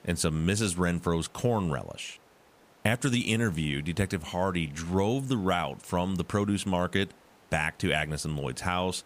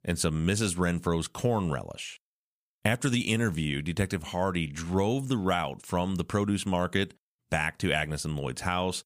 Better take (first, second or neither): second